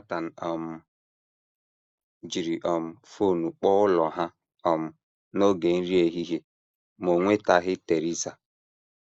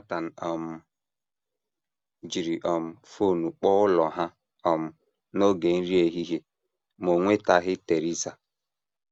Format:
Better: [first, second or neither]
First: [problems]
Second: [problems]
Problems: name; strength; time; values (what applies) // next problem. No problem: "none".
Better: second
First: noise reduction (neural mask model Resemble Enhance denoiser)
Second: none